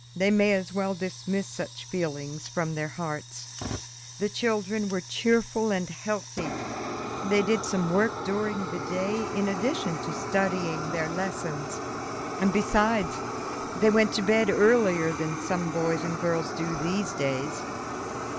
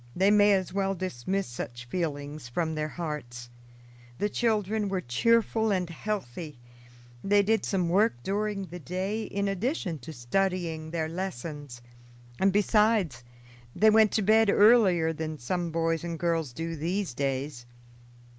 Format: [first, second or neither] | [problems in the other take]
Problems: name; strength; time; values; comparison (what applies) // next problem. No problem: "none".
second | background sound (Fire); 7 dB below the speech